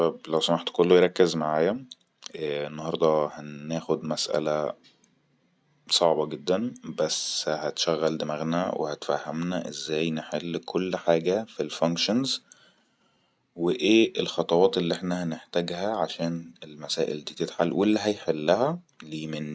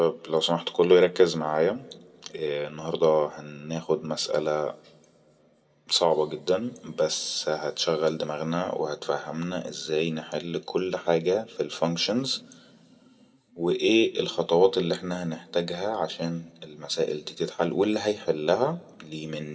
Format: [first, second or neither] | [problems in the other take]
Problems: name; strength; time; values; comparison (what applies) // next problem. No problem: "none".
first | room echo; dies away in 1.3 s